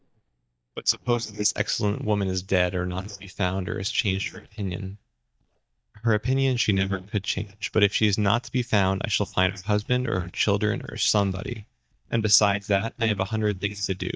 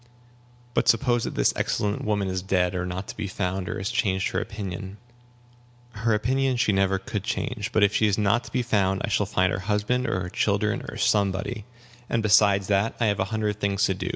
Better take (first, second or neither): second